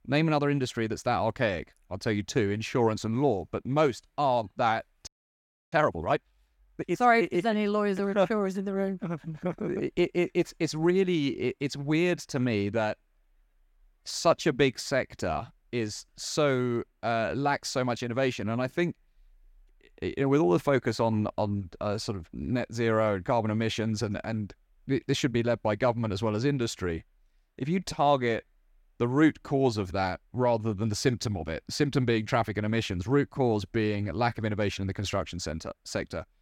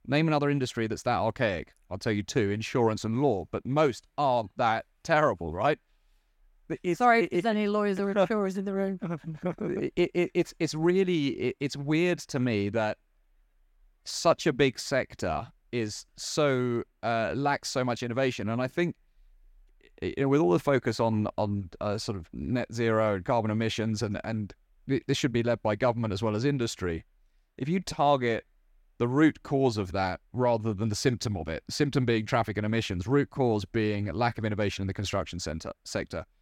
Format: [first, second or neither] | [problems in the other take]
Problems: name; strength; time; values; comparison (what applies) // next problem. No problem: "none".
second | audio freezing; at 5 s for 0.5 s